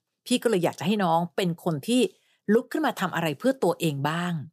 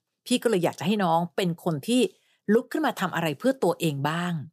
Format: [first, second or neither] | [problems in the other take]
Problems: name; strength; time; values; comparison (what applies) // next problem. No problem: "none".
neither | none